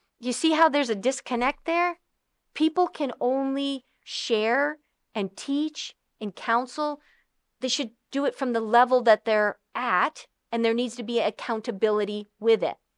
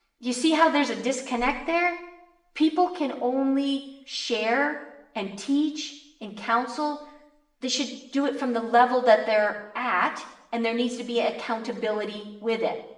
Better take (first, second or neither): first